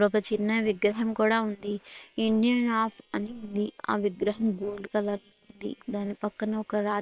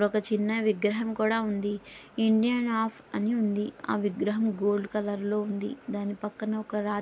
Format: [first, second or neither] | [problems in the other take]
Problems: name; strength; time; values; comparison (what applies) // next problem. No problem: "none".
second | noise reduction (neural separator model SepFormer WHAM!)